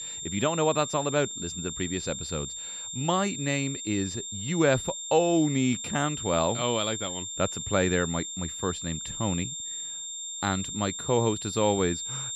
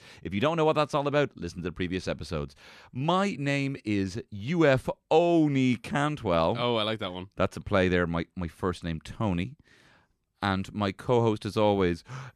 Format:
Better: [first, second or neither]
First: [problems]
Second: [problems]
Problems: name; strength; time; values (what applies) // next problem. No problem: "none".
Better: second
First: high-pitched whine; loud; throughout; 7.5 kHz, 5 dB below the speech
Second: none